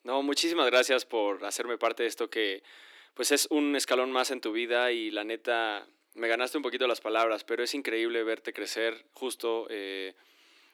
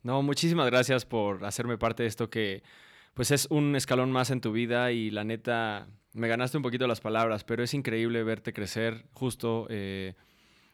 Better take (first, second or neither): second